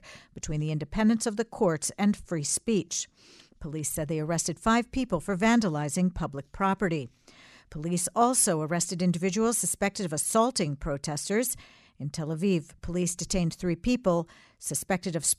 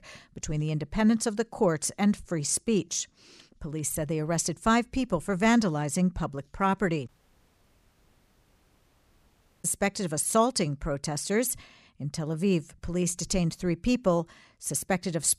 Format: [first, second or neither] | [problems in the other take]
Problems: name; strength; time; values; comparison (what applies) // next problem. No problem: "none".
first | audio cutting out; at 7 s for 2.5 s